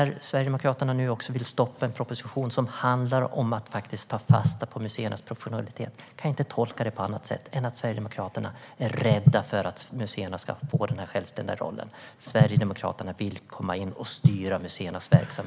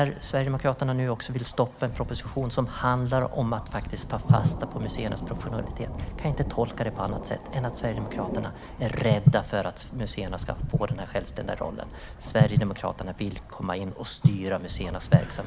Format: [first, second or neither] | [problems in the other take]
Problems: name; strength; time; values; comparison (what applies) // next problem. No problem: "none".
first | background sound (Wind / Bird + Thunder); 11 dB below the speech